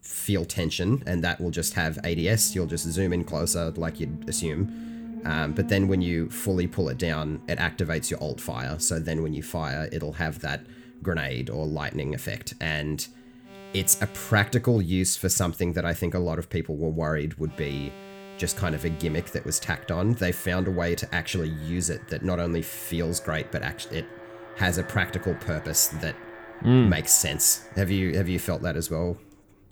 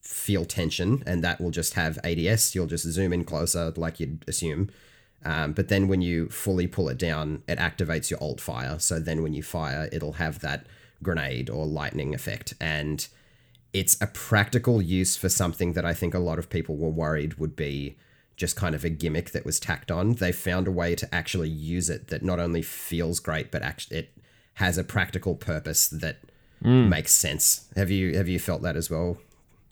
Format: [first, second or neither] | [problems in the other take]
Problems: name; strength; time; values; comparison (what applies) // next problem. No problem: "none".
second | alarms or sirens; noticeable; throughout; 15 dB below the speech